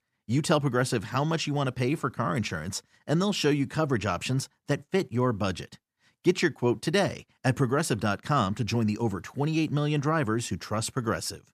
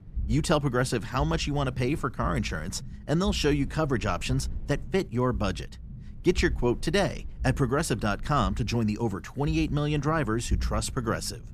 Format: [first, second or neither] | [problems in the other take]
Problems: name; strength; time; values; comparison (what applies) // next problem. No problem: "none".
first | low rumble; faint; throughout; 25 dB below the speech